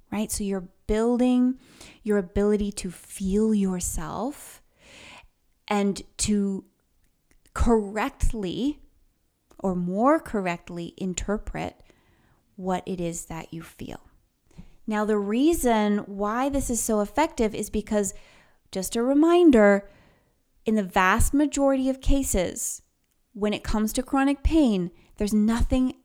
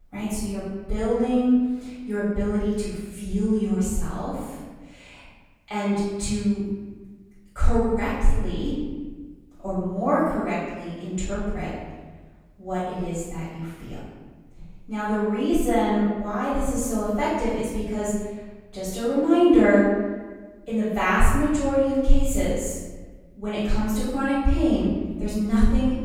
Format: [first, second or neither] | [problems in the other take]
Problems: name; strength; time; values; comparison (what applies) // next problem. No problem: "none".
first | off-mic speech; far // room echo; strong; dies away in 1.3 s